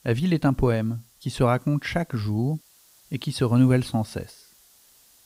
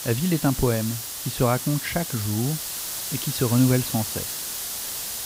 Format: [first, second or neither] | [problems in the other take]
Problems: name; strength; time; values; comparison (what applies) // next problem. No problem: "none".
first | hiss; loud; throughout; 4 dB below the speech; faint in the first